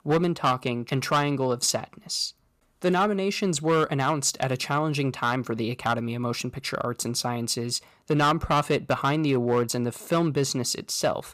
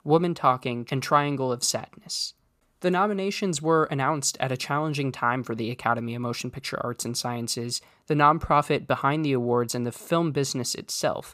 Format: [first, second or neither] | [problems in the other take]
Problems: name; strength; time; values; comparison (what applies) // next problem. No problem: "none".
second | distortion; slight; 4% of the sound clipped